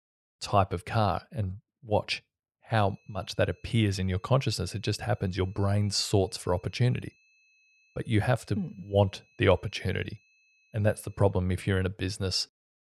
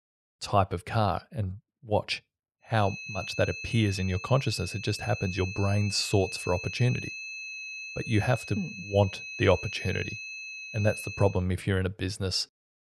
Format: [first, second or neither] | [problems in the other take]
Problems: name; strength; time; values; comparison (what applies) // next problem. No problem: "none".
first | high-pitched whine; loud; from 3 to 11 s; 2.5 kHz, 9 dB below the speech; faint in the first